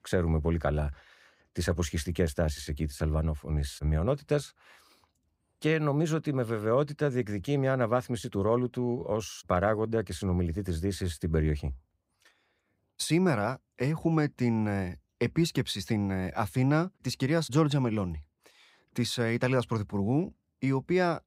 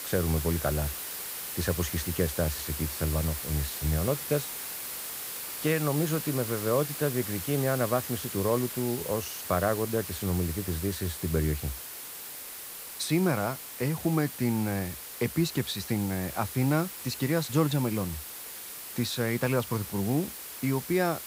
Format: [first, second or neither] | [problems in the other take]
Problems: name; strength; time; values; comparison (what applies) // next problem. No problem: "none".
first | hiss; loud; throughout; 6 dB below the speech